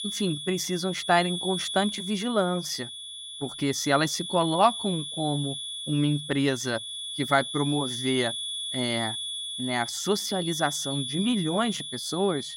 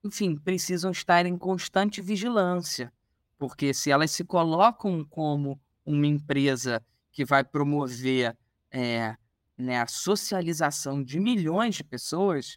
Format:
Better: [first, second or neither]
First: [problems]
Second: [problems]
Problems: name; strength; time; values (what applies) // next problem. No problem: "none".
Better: second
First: high-pitched whine; loud; throughout; 3.5 kHz, 5 dB below the speech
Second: none